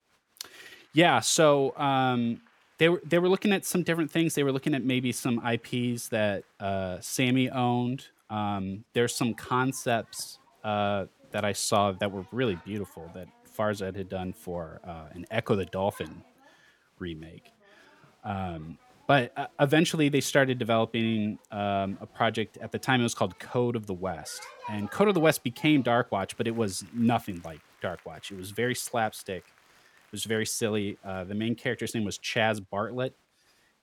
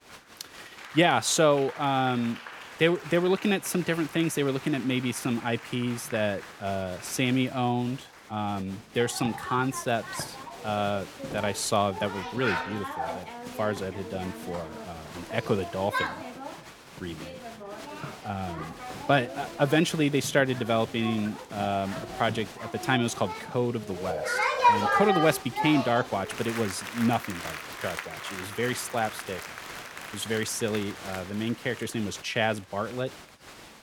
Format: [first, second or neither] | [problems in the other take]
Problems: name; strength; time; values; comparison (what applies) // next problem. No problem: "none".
first | crowd noise; loud; throughout; 7 dB below the speech; faint in the first